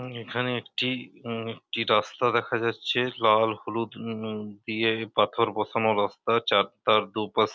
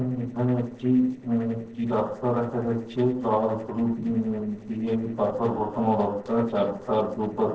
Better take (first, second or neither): first